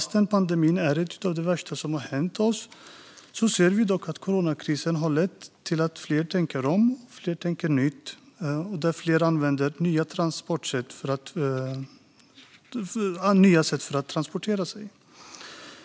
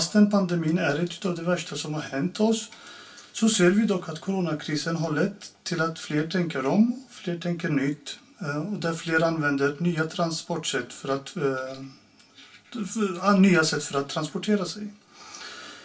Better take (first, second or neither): first